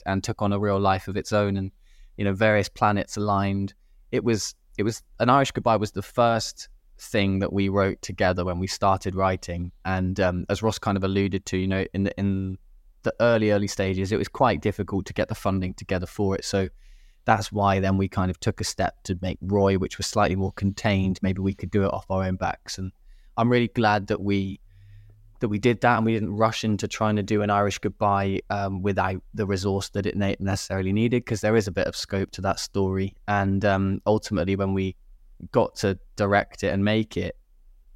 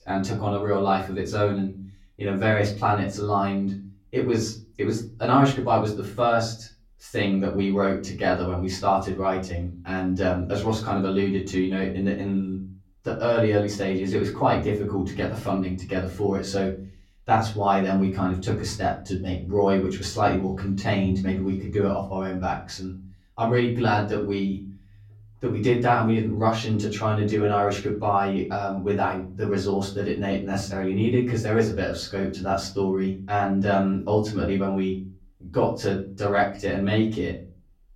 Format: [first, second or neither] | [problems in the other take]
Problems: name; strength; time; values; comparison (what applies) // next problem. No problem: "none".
first | off-mic speech; far // room echo; slight; dies away in 0.4 s